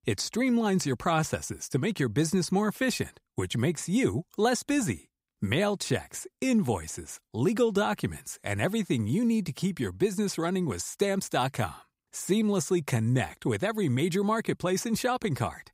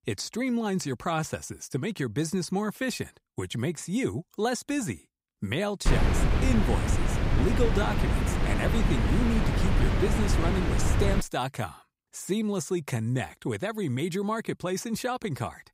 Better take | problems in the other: first | wind noise on the microphone; heavy; from 6 to 11 s; as loud as the speech

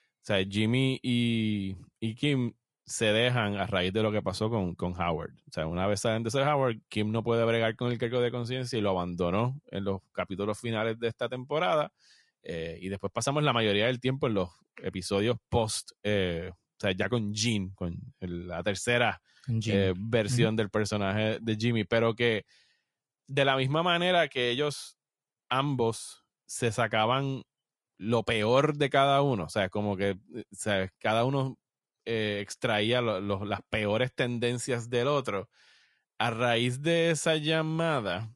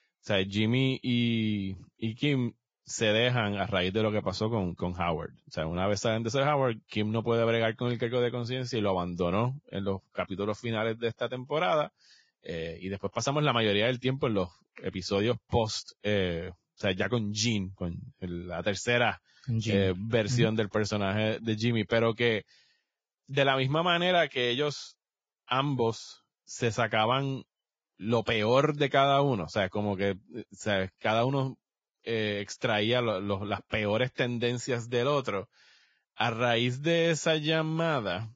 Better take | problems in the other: first | garbled, watery; badly; nothing above 7.5 kHz; slightly in the first

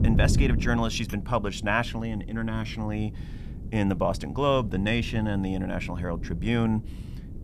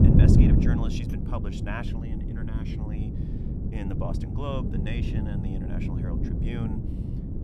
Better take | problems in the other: first | wind noise on the microphone; heavy; 3 dB above the speech; occasional gusts in the first

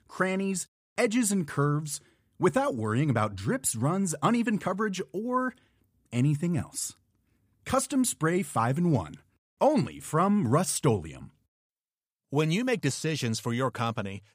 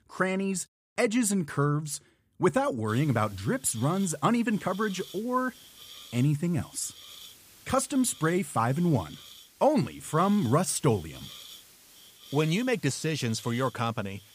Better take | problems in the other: first | hiss; noticeable; from 3 s on; 20 dB below the speech

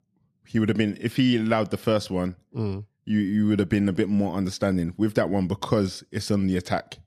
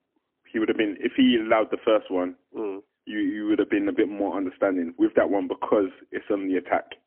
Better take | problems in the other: first | phone-call audio; poor line; nothing above 3 kHz

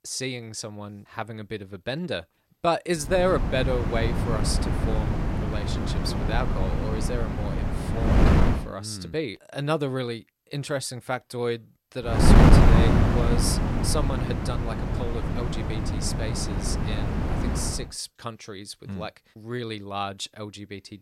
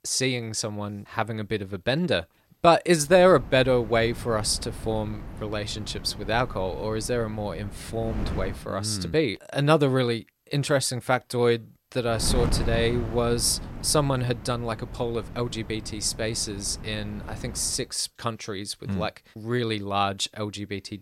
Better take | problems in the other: second | wind noise on the microphone; heavy; from 3 to 8.5 s and from 12 to 18 s; 1 dB above the speech; occasional gusts in the second

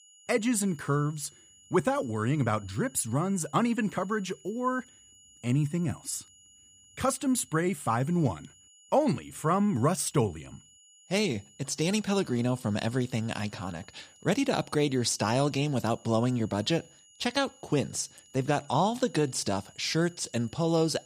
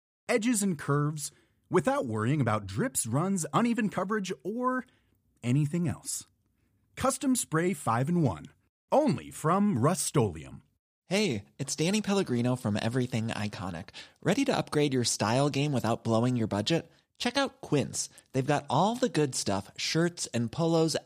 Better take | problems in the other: second | high-pitched whine; faint; throughout; 7 kHz, 25 dB below the speech

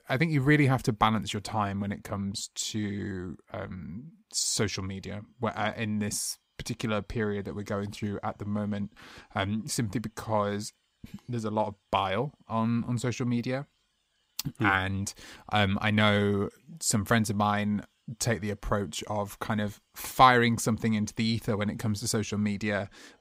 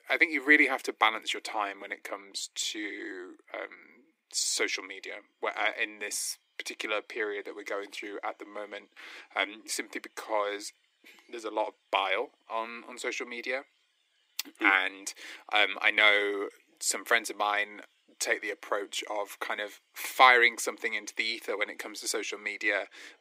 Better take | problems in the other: first | thin; very; fading below 300 Hz

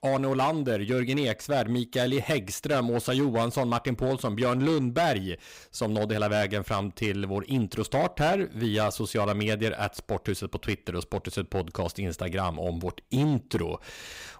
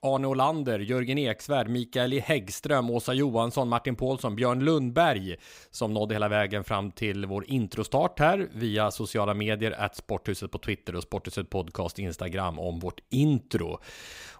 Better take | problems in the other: second | distortion; slight; 8% of the sound clipped

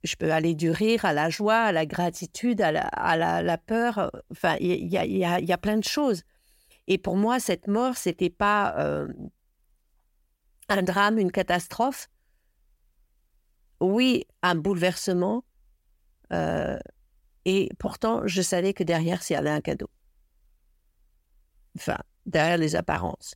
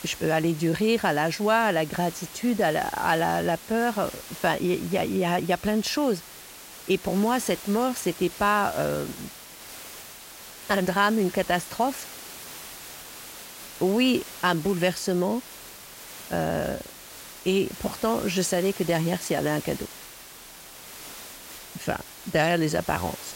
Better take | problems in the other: first | hiss; noticeable; throughout; 15 dB below the speech

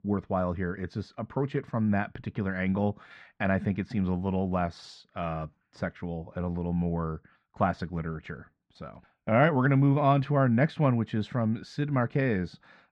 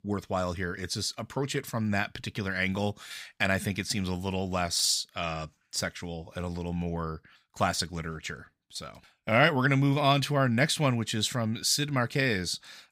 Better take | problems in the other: second | muffled; very; fading above 1.5 kHz

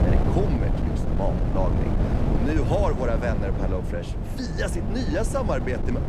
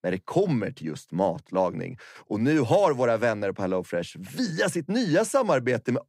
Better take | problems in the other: second | wind noise on the microphone; heavy; 4 dB below the speech

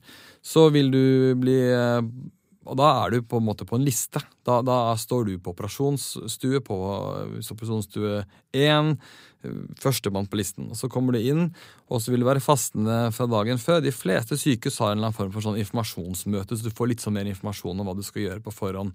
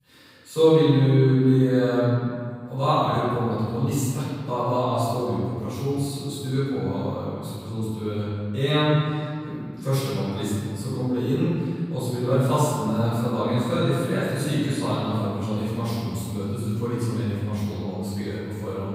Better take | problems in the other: first | room echo; strong; dies away in 2 s // off-mic speech; far

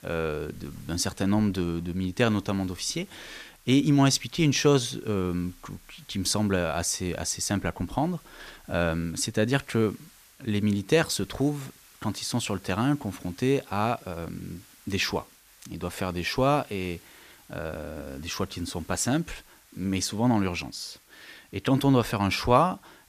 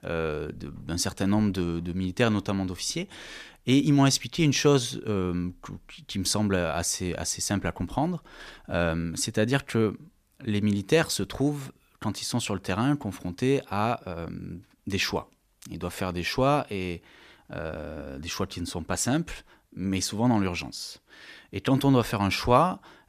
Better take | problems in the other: second | hiss; faint; throughout; 25 dB below the speech

